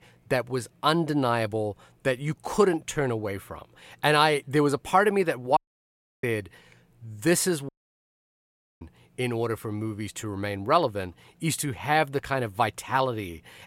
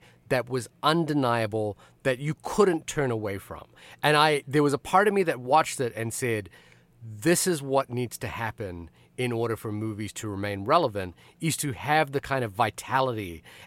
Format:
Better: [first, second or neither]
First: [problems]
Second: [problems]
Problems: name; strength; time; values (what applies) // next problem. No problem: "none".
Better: second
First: audio cutting out; at 5.5 s for 0.5 s and at 7.5 s for 1 s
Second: none